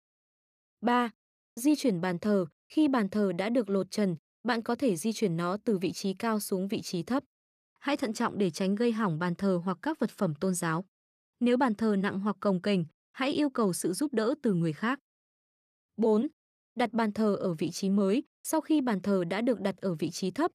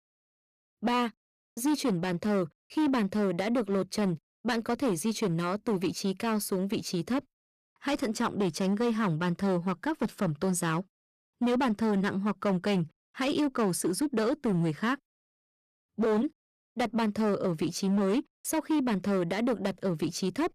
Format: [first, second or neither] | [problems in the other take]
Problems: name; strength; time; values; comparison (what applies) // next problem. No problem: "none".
first | distortion; slight; 11% of the sound clipped